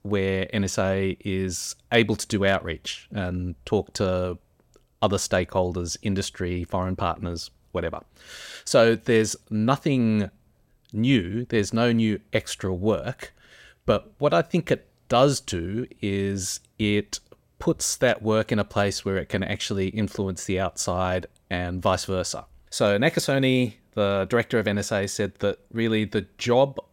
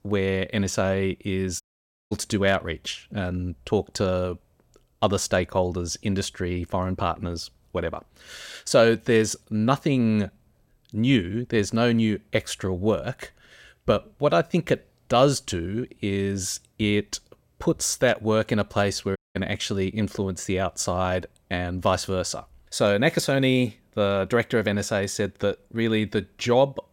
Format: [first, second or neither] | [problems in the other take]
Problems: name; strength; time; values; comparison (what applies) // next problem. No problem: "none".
first | audio cutting out; at 1.5 s for 0.5 s and at 19 s